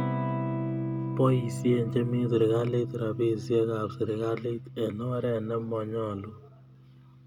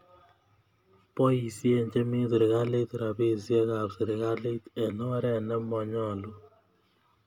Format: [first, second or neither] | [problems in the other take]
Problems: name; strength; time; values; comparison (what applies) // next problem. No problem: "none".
second | background sound (Electric guitar / Strum); 6 dB below the speech